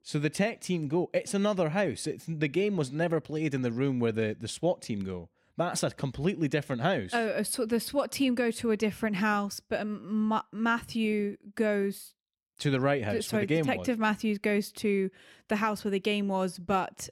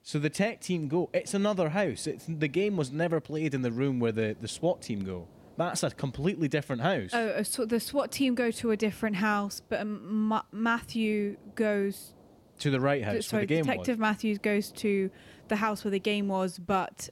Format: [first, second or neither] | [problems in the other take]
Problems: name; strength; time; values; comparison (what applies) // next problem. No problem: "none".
first | hiss; faint; throughout; 30 dB below the speech